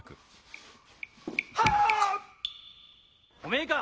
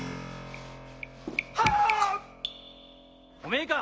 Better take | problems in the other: first | background sound (Keyboard (musical)); 14 dB below the speech

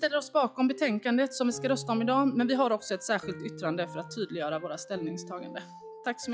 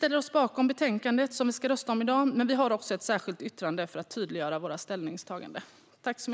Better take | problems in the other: second | noise reduction (classical method log-MMSE)

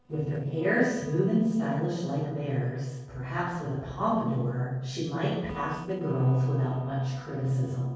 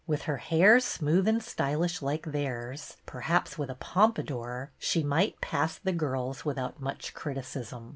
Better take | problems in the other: second | noise reduction (neural separator model SepFormer DNS4)

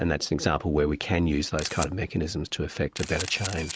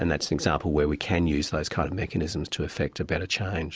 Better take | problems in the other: second | noise reduction (neural mask model RNNoise)

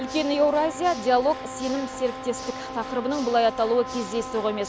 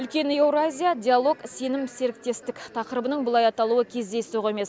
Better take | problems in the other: second | background sound (Wind instrument, woodwind instrument + Water / Mechanisms); 10 dB below the speech

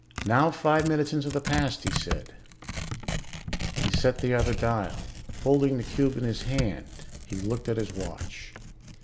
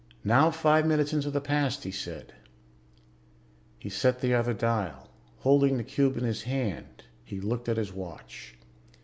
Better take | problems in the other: second | background sound (Tearing); 5 dB below the speech

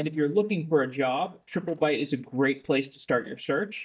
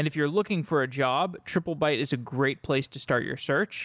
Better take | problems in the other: second | noise reduction (neural mask model DeepFilterNet 3)

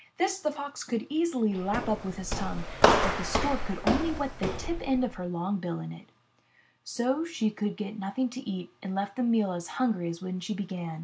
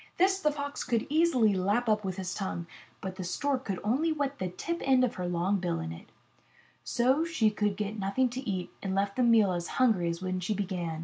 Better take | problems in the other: second | background sound (Walk, footsteps); 2 dB above the speech

